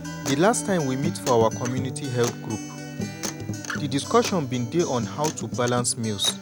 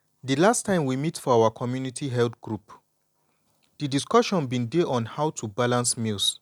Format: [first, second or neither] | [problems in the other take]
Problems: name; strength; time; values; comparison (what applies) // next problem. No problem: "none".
second | background sound (Acoustic guitar); 7 dB below the speech